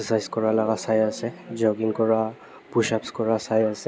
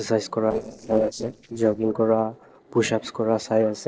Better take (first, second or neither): first